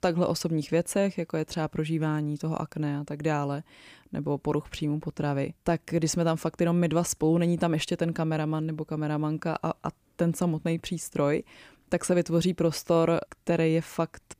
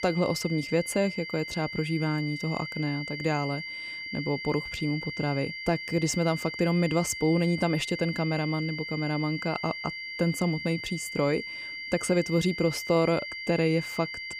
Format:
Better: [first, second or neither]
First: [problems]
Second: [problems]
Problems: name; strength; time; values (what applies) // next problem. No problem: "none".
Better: first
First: none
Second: high-pitched whine; loud; throughout; 2 kHz, 7 dB below the speech